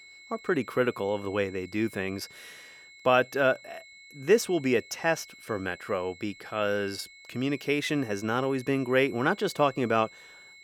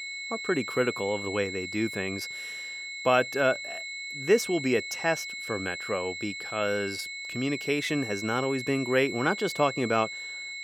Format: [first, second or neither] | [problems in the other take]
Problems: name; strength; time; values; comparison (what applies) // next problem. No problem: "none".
first | high-pitched whine; loud; throughout; 2 kHz, 6 dB below the speech; faint in the first